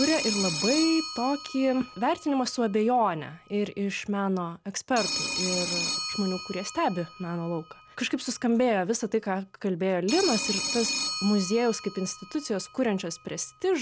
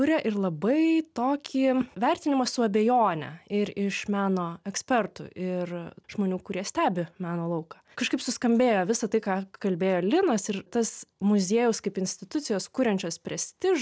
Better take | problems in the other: second | background sound (Telephone); 7 dB below the speech

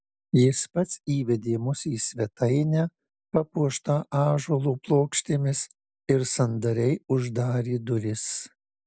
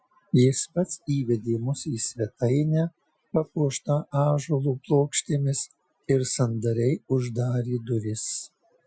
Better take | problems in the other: first | noise reduction (classical method Wiener filter)

